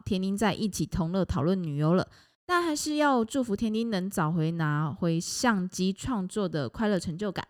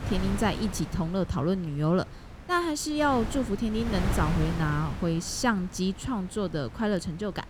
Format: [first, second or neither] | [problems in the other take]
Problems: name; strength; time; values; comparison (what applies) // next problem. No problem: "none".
first | wind noise on the microphone; occasional gusts; 10 dB below the speech